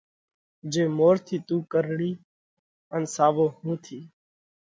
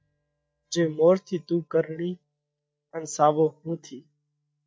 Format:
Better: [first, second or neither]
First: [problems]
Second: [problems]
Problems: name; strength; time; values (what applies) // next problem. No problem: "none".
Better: first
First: none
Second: noise reduction (neural mask model DeepFilterNet 3)